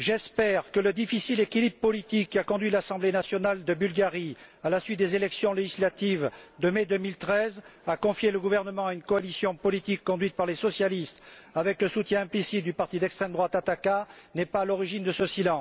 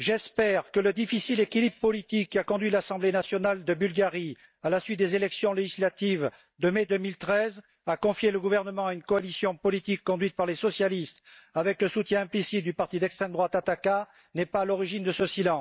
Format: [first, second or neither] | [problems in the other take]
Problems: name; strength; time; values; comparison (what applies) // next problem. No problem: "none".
first | noise reduction (neural mask model DeepFilterNet 3)